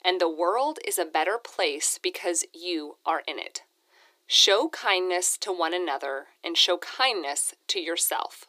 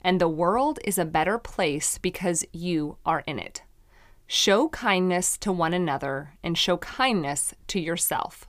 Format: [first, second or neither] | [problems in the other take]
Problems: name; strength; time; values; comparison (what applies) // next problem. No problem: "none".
second | thin; very; fading below 350 Hz